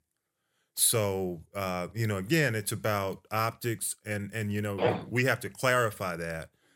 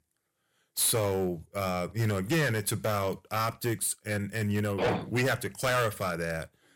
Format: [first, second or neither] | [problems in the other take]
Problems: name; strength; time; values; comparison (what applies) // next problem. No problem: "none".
first | distortion; heavy; 8% of the sound clipped